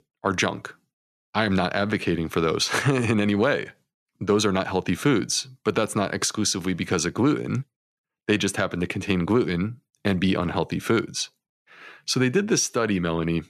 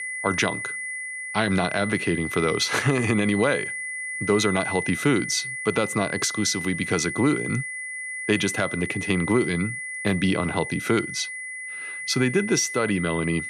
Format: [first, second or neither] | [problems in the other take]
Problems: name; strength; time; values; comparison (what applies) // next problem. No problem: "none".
first | high-pitched whine; loud; throughout; 2 kHz, 6 dB below the speech